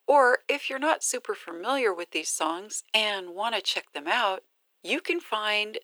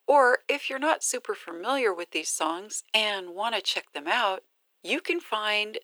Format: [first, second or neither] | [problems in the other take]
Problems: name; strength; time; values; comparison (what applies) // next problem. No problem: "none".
neither | thin; very; fading below 400 Hz; the same in both